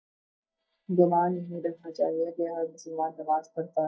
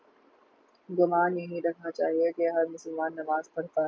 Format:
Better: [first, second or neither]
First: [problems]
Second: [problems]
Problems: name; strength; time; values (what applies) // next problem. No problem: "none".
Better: second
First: noise reduction (neural mask model DeepFilterNet 3)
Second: none